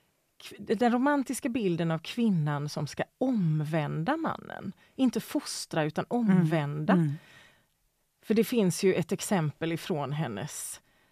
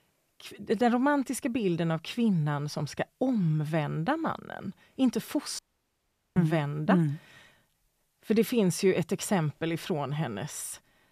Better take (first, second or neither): first